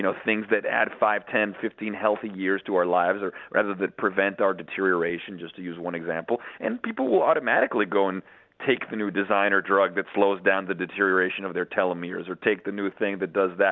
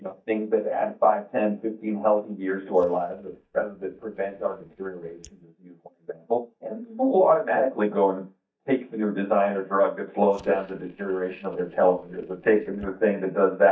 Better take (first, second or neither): first